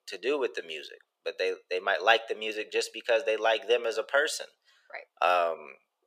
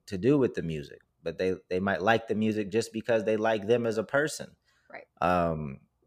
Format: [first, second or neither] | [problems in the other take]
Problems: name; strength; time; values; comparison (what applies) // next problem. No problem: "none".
second | thin; very; fading below 450 Hz